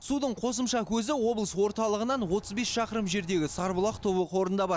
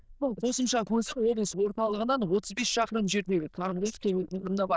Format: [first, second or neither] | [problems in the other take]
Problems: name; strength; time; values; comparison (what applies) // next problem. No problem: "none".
first | noise reduction (neural diffusion model UNIVERSE++)